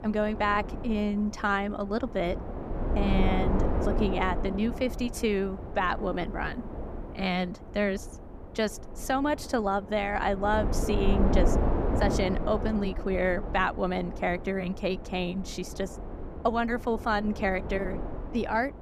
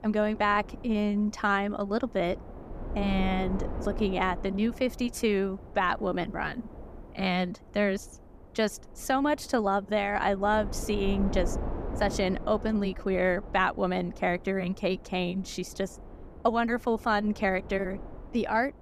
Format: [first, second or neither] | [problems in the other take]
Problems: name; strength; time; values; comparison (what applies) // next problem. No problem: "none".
second | wind noise on the microphone; heavy; 8 dB below the speech; occasional gusts in the second